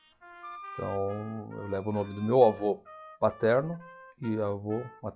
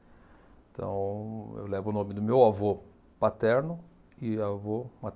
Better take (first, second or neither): second